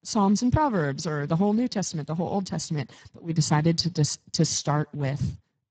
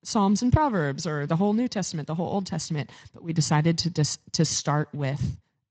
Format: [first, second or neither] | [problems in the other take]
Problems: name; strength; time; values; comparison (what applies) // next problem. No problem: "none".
second | garbled, watery; badly; nothing above 7.5 kHz; slightly in the second